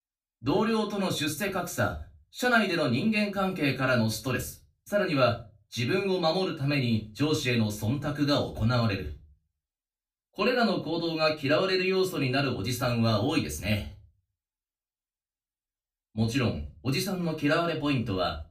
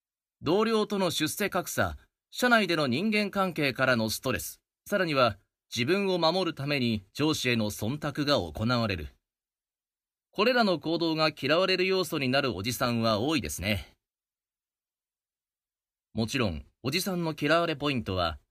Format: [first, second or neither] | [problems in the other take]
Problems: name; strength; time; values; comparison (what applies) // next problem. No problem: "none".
second | off-mic speech; far // room echo; very slight; dies away in 0.2 s